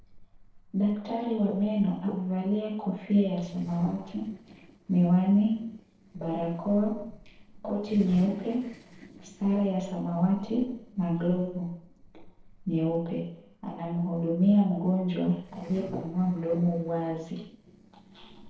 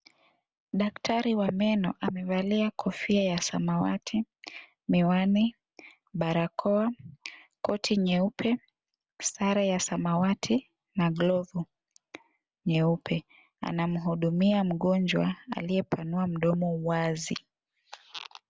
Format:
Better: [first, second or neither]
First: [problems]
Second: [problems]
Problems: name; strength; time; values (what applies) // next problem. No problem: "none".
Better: second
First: noise reduction (neural separator model SepFormer DNS4)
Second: none